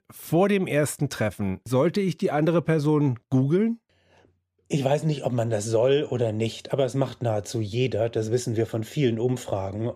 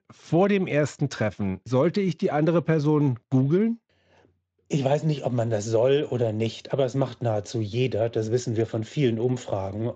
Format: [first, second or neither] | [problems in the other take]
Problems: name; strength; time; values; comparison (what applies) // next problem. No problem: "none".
first | garbled, watery; slightly; nothing above 7.5 kHz